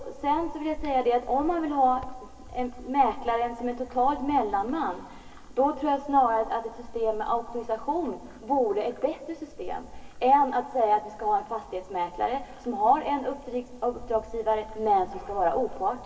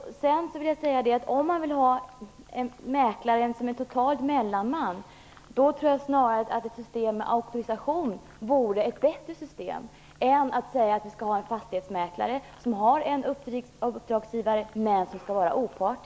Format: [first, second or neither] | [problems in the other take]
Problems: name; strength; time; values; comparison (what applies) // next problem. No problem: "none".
second | background sound (Cricket); 16 dB below the speech // room echo; dies away in 2.6 s